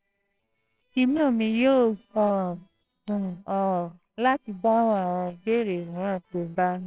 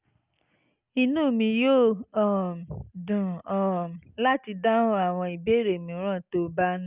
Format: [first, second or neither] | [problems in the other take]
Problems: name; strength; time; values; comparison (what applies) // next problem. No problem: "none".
second | noise reduction (neural separator model SepFormer WHAMR!)